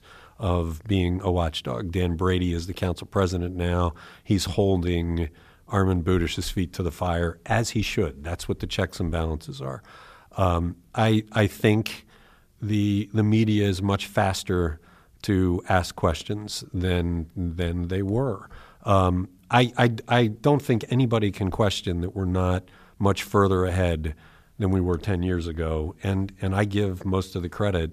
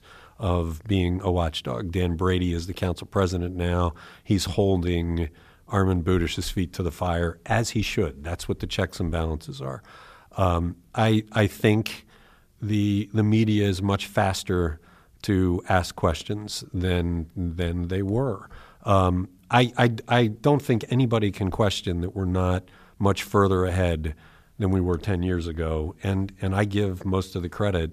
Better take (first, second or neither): neither